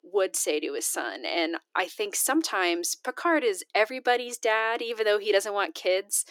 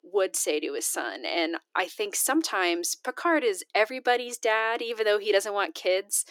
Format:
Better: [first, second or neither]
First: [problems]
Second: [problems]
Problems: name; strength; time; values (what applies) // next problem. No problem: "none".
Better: neither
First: thin; very; fading below 300 Hz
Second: thin; very; fading below 300 Hz